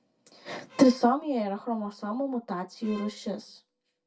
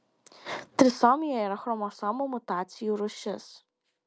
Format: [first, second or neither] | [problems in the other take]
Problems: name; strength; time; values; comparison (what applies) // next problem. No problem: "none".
second | background sound (Bowed string instrument); 20 dB below the speech // room echo; dies away in 0.1 s